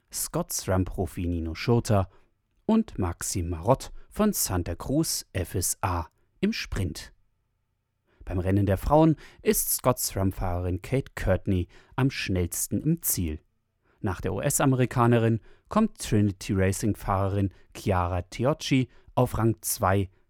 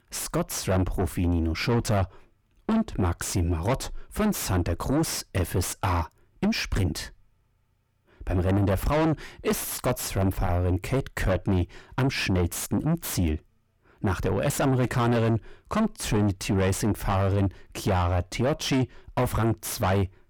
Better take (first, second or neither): first